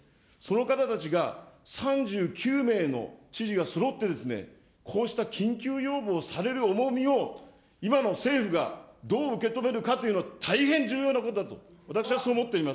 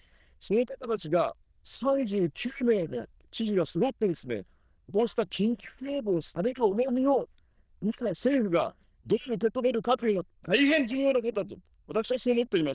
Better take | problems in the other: first | noise reduction (neural diffusion model UNIVERSE++)

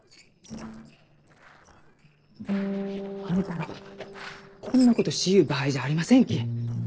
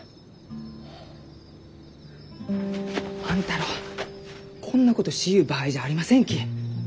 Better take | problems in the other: second | noise reduction (neural separator model SepFormer DNS4)

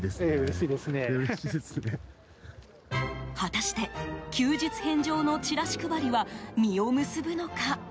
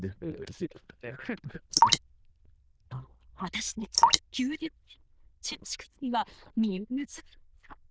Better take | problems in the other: first | noise reduction (neural diffusion model UNIVERSE++)

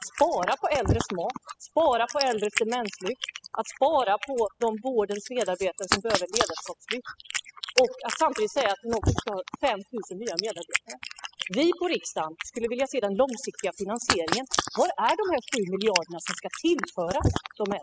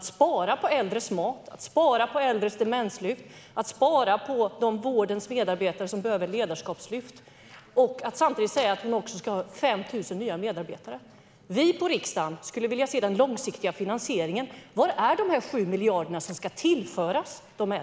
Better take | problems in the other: second | noise reduction (classical method spectral subtraction)

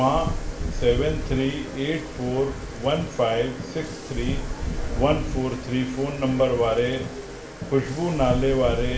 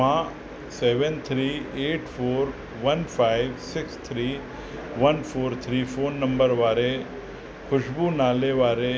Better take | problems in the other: second | background sound (Wind); 6 dB below the speech // room echo; dies away in 0.5 s

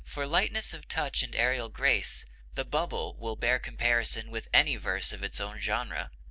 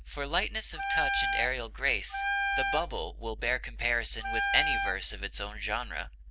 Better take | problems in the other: first | background sound (Wind instrument, woodwind instrument); 1 dB above the speech

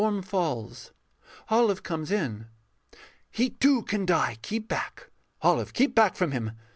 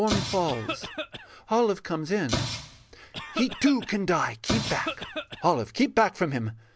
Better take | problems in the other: first | background sound (Explosion + Cough); 7 dB below the speech

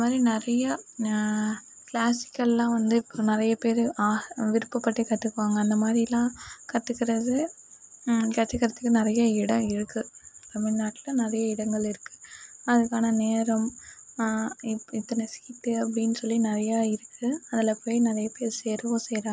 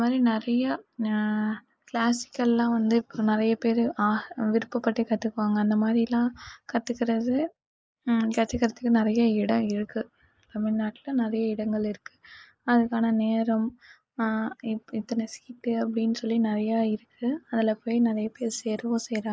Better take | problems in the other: first | noise reduction (neural mask model Resemble Enhance denoiser)

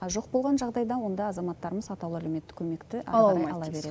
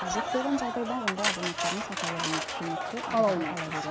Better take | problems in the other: first | background sound (Applause + Cutlery, silverware); 1 dB below the speech

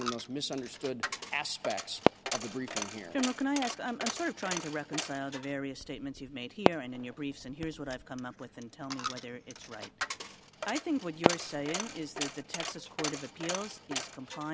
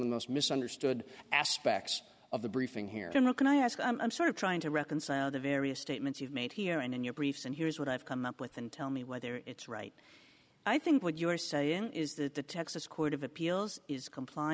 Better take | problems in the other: second | background sound (Fireworks + Coin (dropping)); as loud as the speech

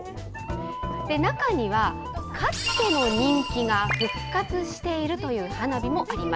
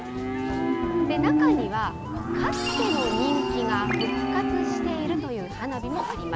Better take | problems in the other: first | background sound (Livestock, farm animals, working animals); 3 dB above the speech

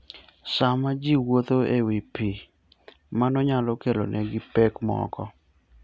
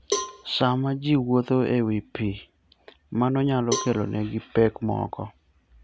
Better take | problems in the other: first | background sound (Cowbell); 10 dB below the speech

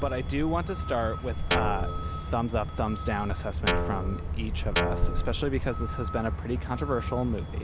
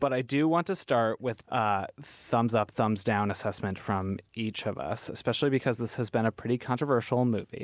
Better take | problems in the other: second | background sound (Truck + Guitar); 2 dB above the speech

